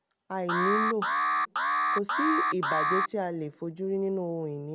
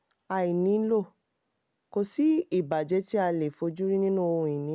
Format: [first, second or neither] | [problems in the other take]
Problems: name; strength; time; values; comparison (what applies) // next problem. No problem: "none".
second | background sound (Alarm); 3 dB above the speech // room echo; dies away in 0.7 s